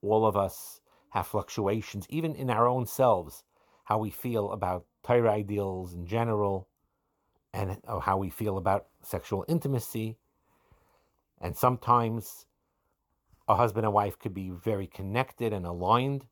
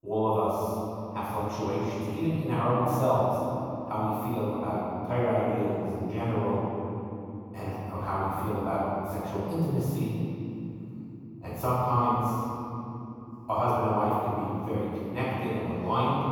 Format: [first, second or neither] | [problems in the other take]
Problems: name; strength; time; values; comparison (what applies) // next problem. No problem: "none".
first | room echo; strong; dies away in 3 s // off-mic speech; far